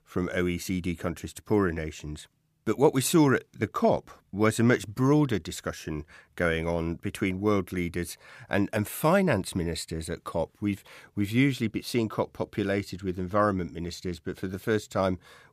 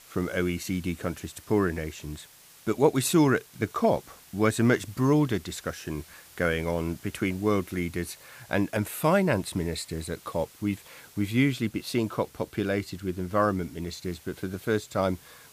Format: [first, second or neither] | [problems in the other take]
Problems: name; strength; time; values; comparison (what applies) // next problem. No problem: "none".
first | hiss; faint; throughout; 25 dB below the speech